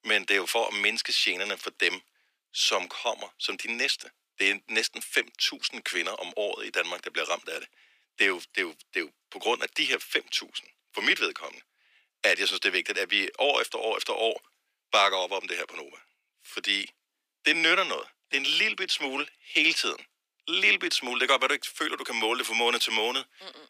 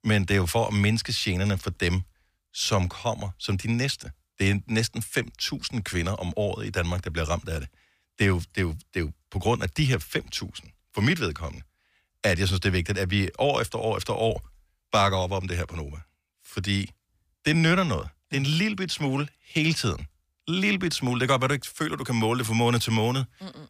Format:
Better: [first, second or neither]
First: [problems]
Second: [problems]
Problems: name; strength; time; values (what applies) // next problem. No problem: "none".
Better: second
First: thin; very; fading below 300 Hz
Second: none